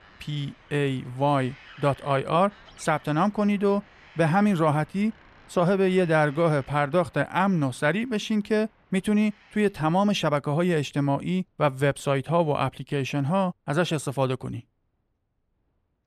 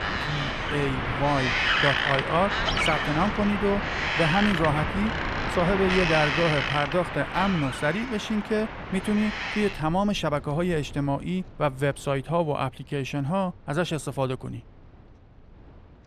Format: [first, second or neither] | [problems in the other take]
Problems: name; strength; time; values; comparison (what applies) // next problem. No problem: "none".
first | wind in the background; loud; throughout; as loud as the speech; faint in the first